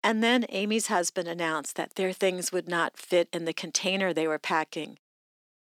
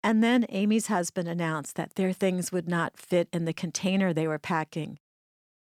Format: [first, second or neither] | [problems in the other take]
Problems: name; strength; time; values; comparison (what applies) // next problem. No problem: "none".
second | thin; somewhat; fading below 300 Hz